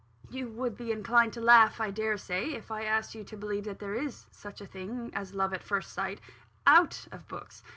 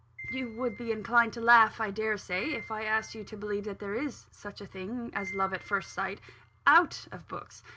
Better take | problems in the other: first | background sound (Piano); 17 dB below the speech

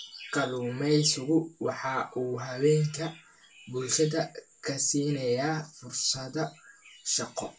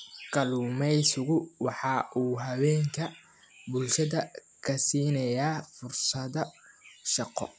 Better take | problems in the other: second | room echo; dies away in 0.2 s

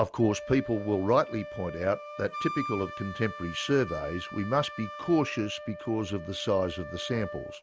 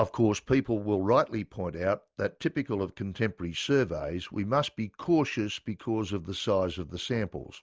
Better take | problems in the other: second | background sound (Wind instrument, woodwind instrument); 11 dB below the speech

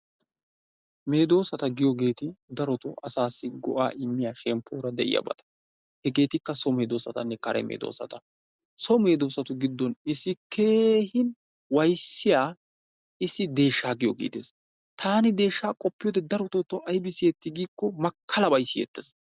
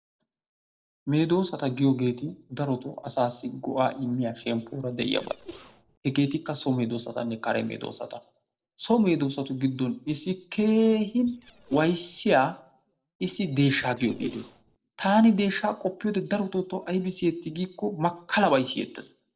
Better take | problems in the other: first | noise reduction (neural separator model SepFormer DNS4)

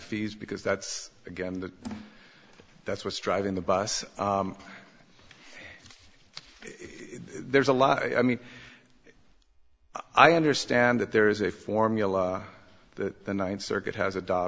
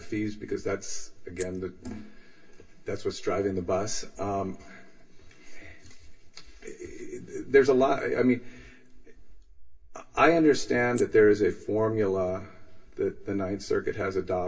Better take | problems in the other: first | background sound (Rattle (instrument)); 19 dB below the speech // room echo; dies away in 0.2 s

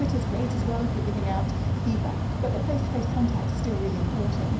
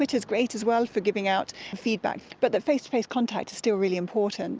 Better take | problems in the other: second | background sound (Mechanical fan); 5 dB above the speech // room echo; dies away in 0.5 s

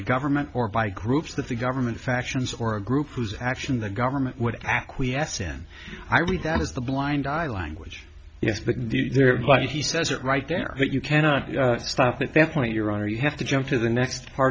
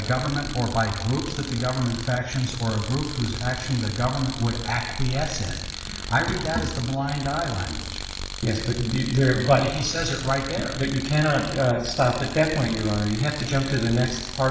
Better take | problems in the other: first | background sound (Tools); 10 dB below the speech // room echo; dies away in 1 s

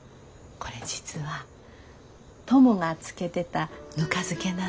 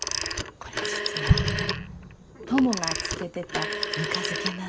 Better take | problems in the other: first | background sound (Explosion + Telephone); 3 dB above the speech

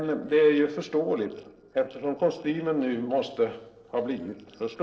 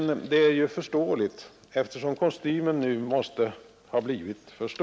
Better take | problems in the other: second | noise reduction (neural separator model SepFormer DNS4)

